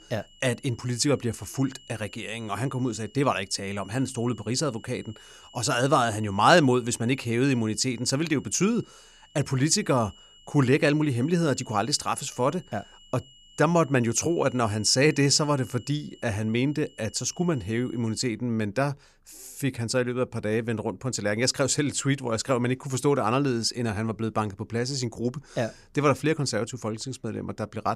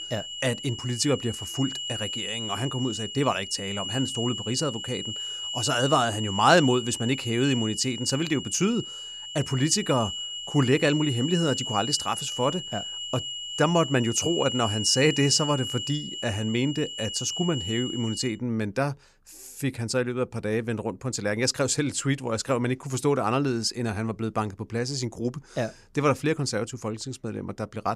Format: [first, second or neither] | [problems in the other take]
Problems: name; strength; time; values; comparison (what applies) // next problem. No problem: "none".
first | high-pitched whine; loud; until 18 s; 3 kHz, 6 dB below the speech; faint in the first